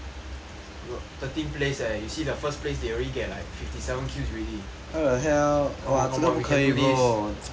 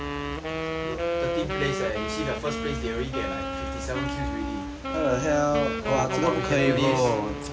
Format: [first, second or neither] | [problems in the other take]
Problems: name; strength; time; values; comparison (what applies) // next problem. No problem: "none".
first | background sound (Wind instrument, woodwind instrument); 3 dB below the speech